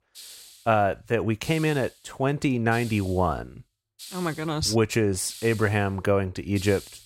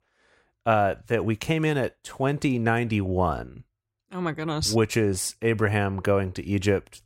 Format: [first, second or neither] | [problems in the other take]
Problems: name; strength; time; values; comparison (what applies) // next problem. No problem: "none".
second | hiss; noticeable; throughout; 20 dB below the speech